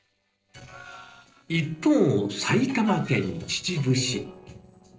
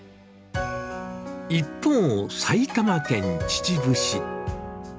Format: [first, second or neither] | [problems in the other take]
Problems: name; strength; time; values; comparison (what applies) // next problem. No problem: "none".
second | noise reduction (neural separator model SepFormer DNS4)